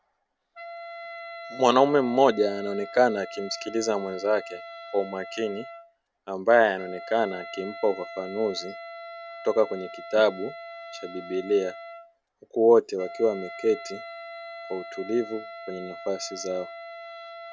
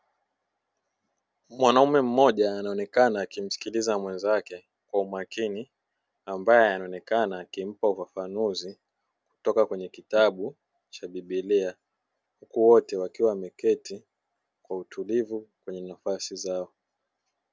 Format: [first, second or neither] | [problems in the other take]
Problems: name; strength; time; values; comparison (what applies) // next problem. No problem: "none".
second | background sound (Wind instrument, woodwind instrument); 14 dB below the speech